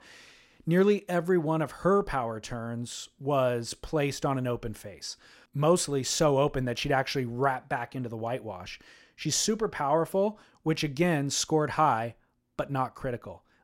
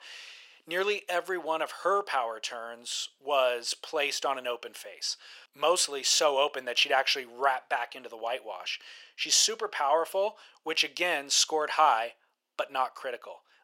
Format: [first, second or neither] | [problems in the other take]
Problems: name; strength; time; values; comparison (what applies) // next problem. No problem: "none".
first | thin; very; fading below 550 Hz